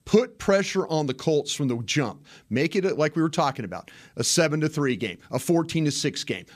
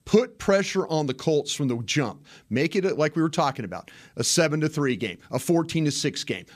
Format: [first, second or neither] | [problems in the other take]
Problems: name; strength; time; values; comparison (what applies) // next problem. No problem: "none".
neither | none